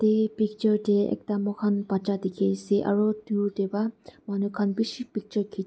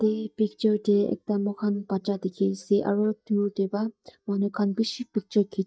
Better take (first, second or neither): first